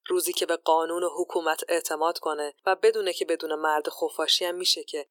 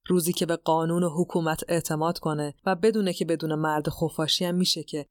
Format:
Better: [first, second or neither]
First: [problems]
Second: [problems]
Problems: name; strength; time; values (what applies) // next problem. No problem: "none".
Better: second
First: thin; very; fading below 350 Hz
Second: none